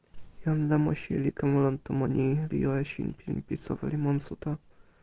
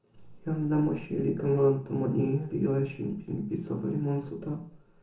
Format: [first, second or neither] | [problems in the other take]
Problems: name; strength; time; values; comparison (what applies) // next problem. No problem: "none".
first | room echo; dies away in 0.6 s